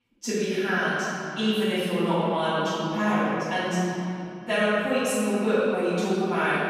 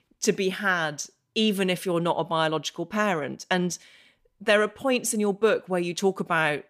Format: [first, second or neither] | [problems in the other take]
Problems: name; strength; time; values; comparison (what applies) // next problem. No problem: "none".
second | room echo; strong; dies away in 2.9 s // off-mic speech; far